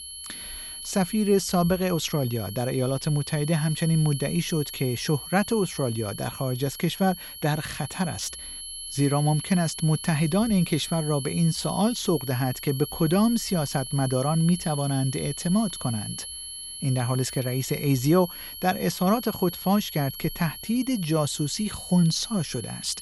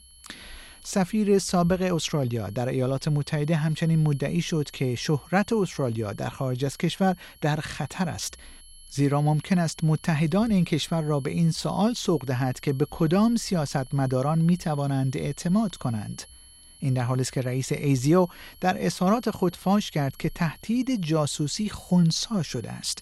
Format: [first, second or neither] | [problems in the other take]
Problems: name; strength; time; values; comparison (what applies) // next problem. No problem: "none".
second | high-pitched whine; loud; throughout; 11 kHz, 10 dB below the speech; faint in the second